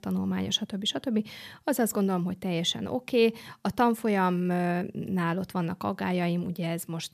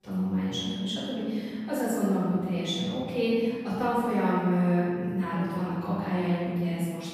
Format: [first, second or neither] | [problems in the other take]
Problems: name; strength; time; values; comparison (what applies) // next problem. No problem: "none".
first | off-mic speech; far // room echo; strong; dies away in 1.7 s